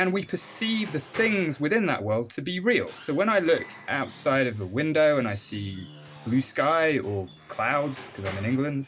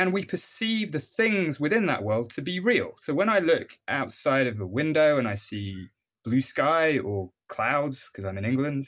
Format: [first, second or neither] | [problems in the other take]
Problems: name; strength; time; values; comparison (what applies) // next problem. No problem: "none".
second | background sound (Squeak / Wood); 19 dB below the speech